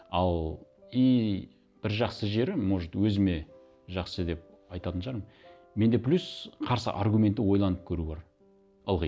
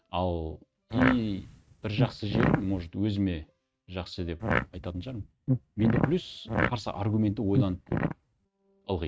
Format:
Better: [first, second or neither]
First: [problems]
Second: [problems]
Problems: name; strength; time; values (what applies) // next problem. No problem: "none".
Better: first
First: none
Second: noise reduction (neural mask model RNNoise)